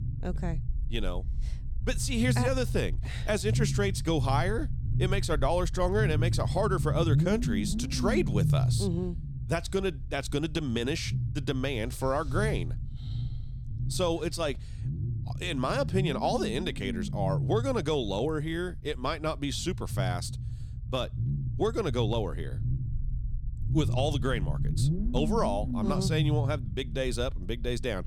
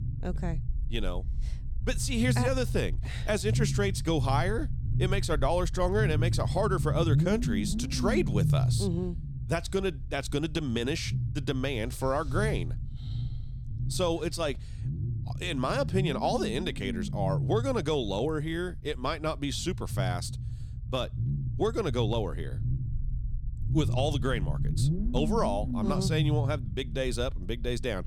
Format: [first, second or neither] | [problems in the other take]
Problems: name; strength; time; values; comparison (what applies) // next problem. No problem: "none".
neither | low rumble; noticeable; throughout; 10 dB below the speech; the same in both